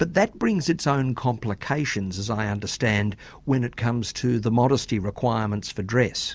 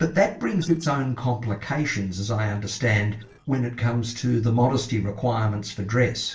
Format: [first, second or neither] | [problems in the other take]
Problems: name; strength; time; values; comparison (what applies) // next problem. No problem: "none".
first | noise reduction (neural separator model SepFormer DNS4)